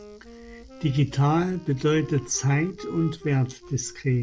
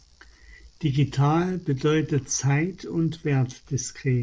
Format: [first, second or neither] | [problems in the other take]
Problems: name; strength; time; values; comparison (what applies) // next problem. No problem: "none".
second | background sound (Wind instrument, woodwind instrument); 19 dB below the speech